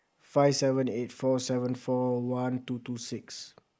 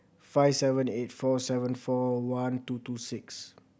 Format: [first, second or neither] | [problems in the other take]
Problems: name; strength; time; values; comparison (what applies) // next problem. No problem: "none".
second | noise reduction (neural mask model Resemble Enhance denoiser)